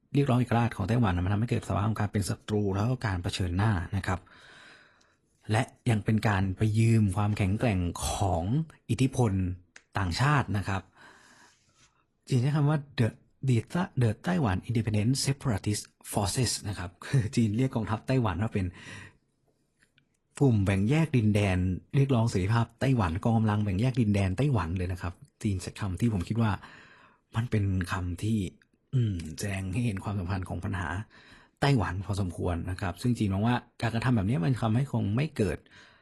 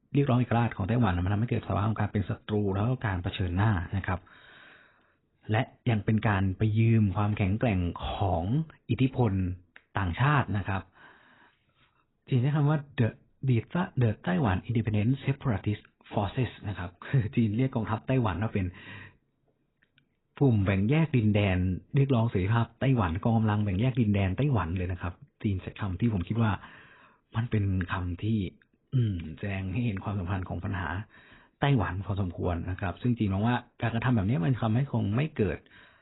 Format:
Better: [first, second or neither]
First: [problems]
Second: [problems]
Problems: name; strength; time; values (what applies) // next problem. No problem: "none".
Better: first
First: garbled, watery; slightly; nothing above 11.5 kHz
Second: garbled, watery; badly; nothing above 4 kHz